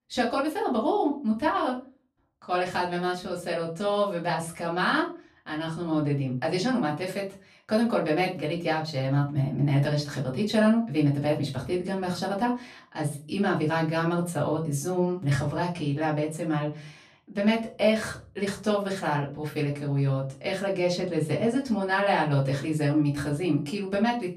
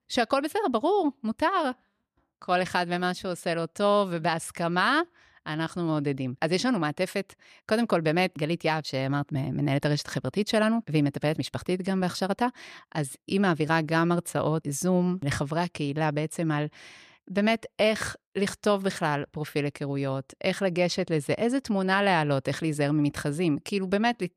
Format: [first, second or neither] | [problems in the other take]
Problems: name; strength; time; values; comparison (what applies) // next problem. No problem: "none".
second | off-mic speech; far // room echo; slight; dies away in 0.3 s